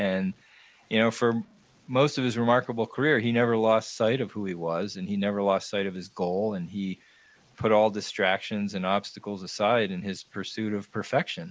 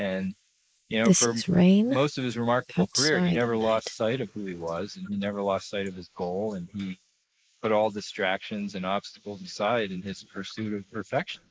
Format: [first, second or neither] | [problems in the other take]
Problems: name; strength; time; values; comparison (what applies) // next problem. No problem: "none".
first | noise reduction (neural mask model Resemble Enhance denoiser)